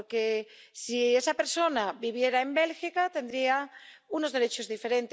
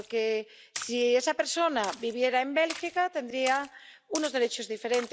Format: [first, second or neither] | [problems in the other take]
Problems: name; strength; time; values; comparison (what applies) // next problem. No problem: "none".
first | background sound (Splash, splatter); 16 dB below the speech